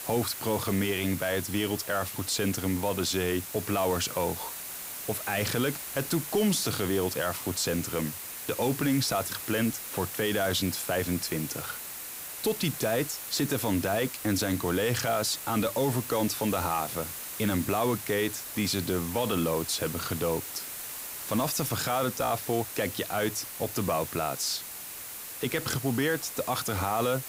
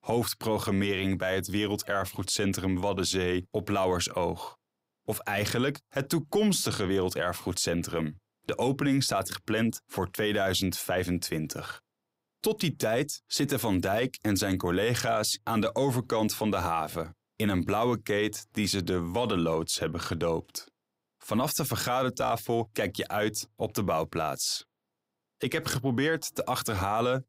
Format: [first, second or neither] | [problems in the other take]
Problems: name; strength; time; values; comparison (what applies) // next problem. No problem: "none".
second | hiss; loud; throughout; 7 dB below the speech